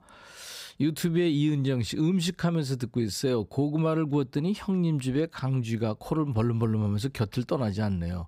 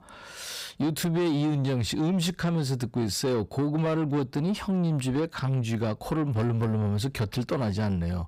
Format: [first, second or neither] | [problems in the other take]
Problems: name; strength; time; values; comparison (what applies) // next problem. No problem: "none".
first | distortion; slight; 10 dB below the speech